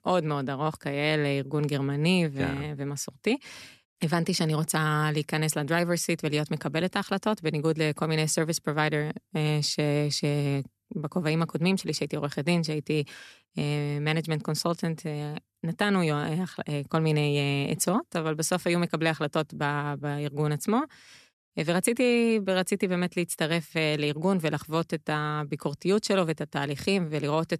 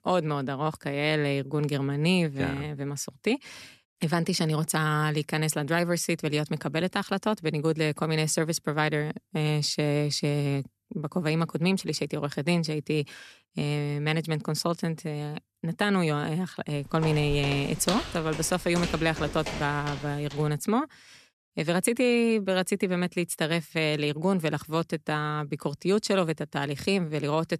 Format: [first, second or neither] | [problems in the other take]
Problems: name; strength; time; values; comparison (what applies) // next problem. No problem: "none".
first | footsteps; noticeable; from 17 to 20 s; peak 5 dB below the speech